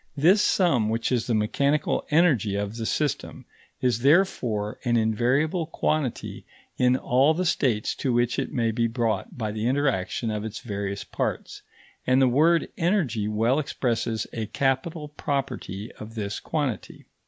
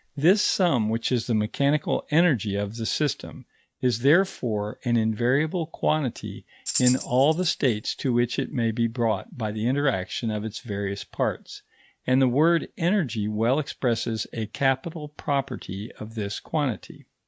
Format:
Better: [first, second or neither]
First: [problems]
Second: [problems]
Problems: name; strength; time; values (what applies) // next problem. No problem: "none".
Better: first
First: none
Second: noise reduction (neural mask model RNNoise)